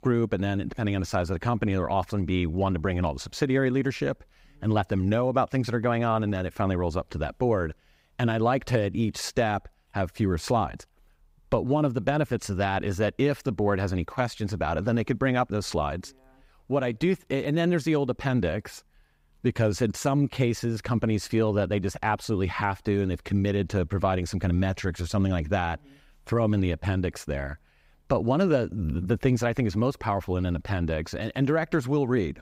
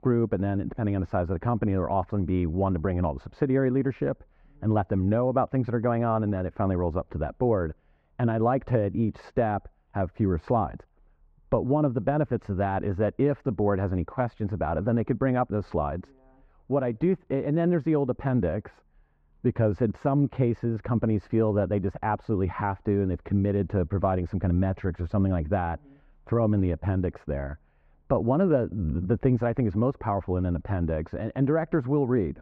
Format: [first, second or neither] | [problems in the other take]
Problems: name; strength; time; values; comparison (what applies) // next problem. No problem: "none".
first | muffled; very; fading above 3.5 kHz